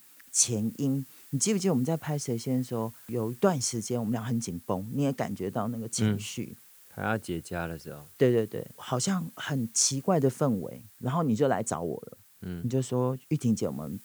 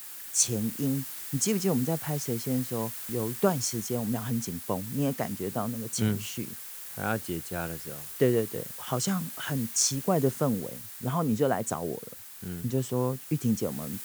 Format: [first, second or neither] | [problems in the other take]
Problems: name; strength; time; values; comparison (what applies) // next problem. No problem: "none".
first | hiss; loud; throughout; 7 dB below the speech; faint in the first